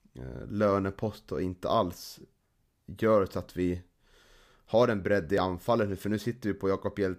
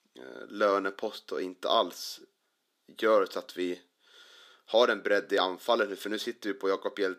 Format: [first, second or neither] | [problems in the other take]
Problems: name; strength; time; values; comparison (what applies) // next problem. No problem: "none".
first | thin; somewhat; fading below 300 Hz